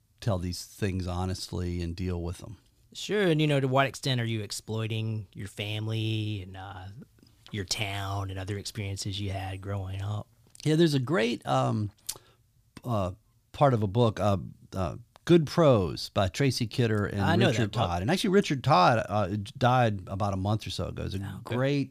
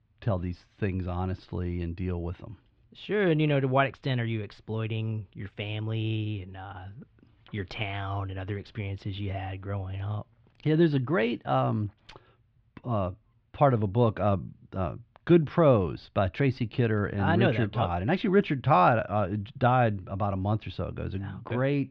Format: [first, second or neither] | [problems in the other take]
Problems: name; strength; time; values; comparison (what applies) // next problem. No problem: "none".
first | muffled; very; fading above 3 kHz